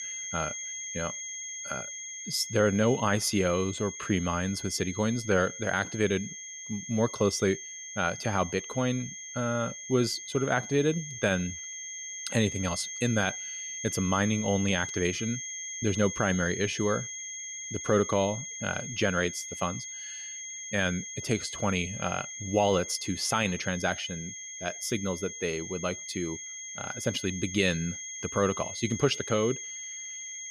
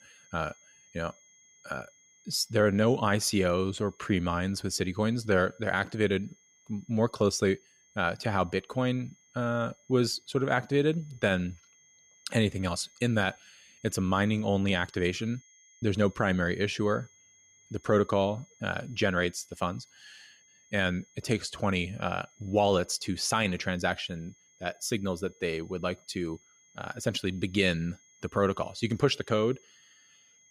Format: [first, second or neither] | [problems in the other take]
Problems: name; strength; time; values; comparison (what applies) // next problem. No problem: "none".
second | high-pitched whine; loud; throughout; 6.5 kHz, 7 dB below the speech; faint in the second